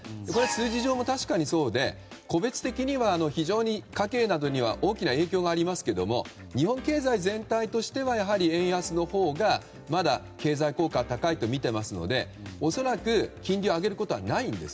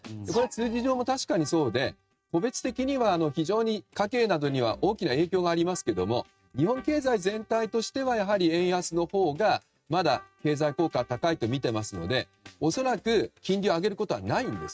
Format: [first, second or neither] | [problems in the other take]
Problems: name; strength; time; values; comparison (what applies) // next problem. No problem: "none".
first | noise reduction (neural mask model RNNoise)